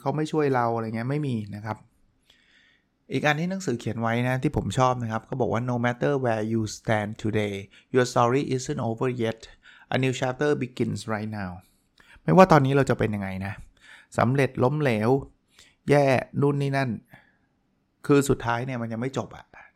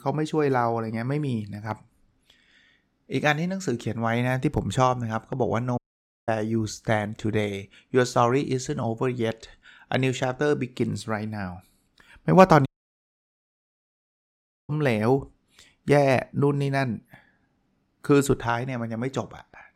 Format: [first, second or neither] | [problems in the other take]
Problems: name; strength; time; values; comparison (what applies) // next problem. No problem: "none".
first | audio cutting out; at 6 s for 0.5 s and at 13 s for 2 s